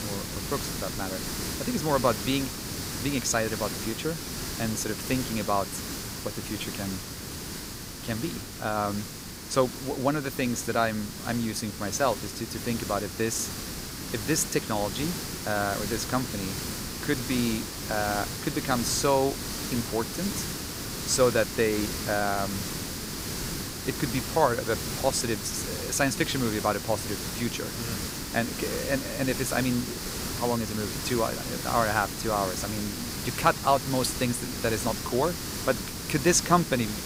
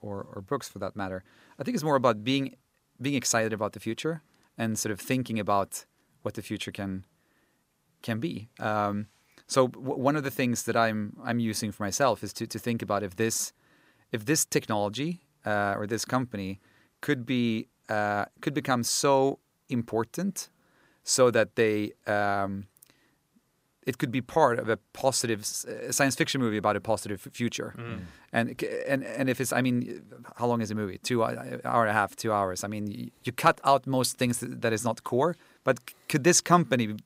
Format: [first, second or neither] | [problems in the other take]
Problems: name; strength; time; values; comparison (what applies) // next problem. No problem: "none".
second | hiss; loud; throughout; 4 dB below the speech